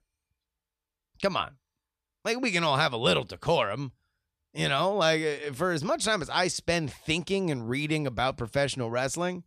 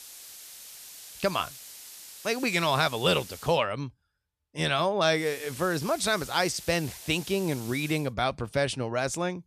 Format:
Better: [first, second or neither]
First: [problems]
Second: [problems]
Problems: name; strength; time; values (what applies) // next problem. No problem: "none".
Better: first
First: none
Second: hiss; noticeable; until 3.5 s and from 5 to 8 s; 15 dB below the speech